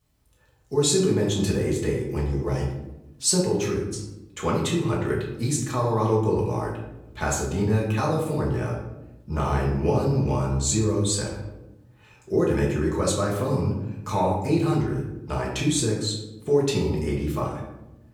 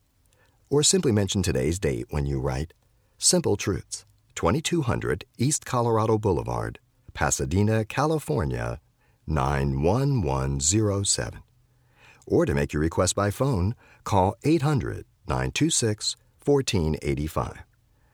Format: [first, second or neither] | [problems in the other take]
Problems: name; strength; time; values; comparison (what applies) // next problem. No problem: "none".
second | off-mic speech; far // room echo; noticeable; dies away in 0.8 s